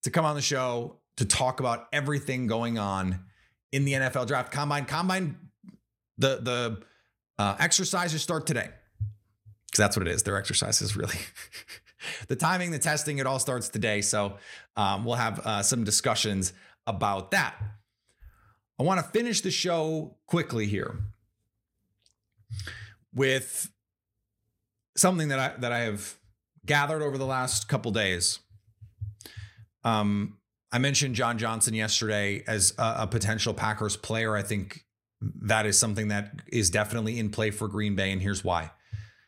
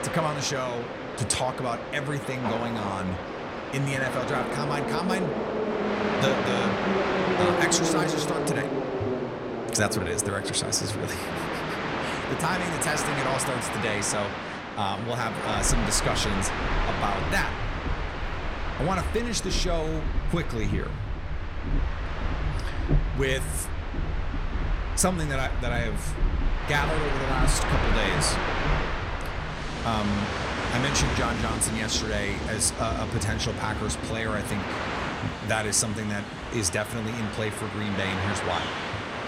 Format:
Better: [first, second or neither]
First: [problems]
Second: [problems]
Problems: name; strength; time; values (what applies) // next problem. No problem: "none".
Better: first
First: none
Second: train or aircraft noise; loud; throughout; 1 dB below the speech